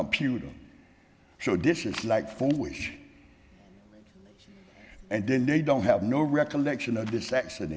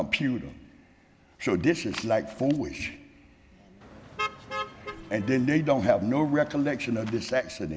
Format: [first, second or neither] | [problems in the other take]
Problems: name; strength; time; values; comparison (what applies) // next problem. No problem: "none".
first | background sound (Motor vehicle (road)); 12 dB below the speech